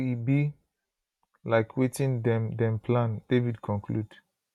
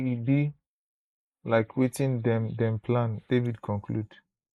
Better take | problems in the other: first | noise reduction (neural mask model Resemble Enhance denoiser)

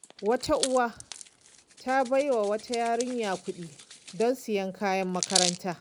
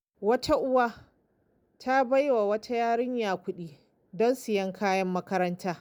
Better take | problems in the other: second | background sound (Hands); 8 dB below the speech

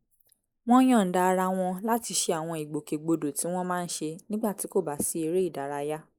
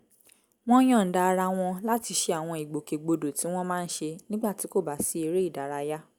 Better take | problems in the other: second | noise reduction (neural mask model Resemble Enhance denoiser)

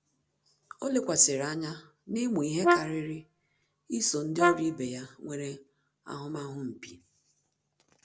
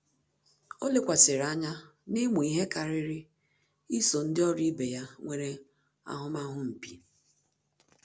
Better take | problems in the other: second | background sound (Brass instrument); 4 dB above the speech

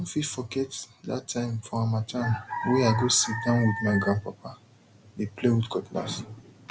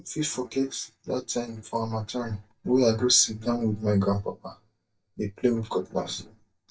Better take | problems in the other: first | noise reduction (neural mask model DeepFilterNet 3)

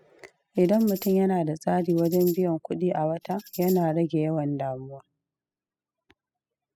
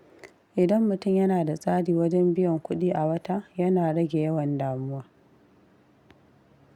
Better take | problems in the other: second | noise reduction (classical method spectral subtraction)

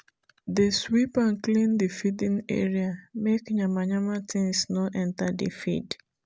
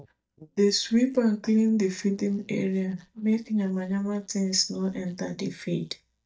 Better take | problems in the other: first | noise reduction (neural mask model DeepFilterNet 3)

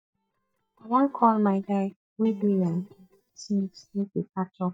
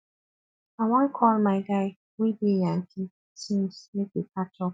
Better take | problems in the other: second | noise reduction (neural mask model DeepFilterNet 3)

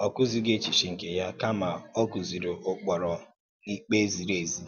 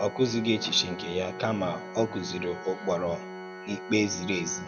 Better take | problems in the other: first | background sound (Organ); 11 dB below the speech

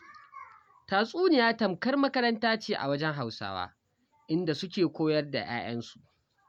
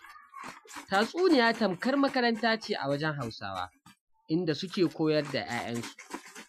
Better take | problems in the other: first | noise reduction (classical method Wiener filter)

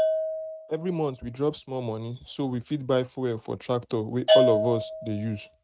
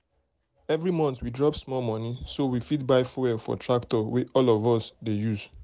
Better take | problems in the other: second | noise reduction (neural mask model RNNoise)

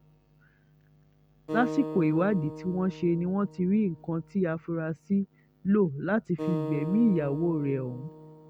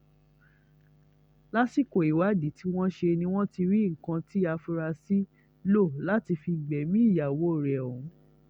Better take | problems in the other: second | background sound (Acoustic guitar); 11 dB below the speech

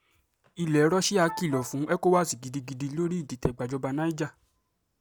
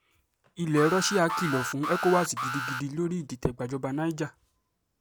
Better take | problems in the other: first | background sound (Alarm); 6 dB below the speech

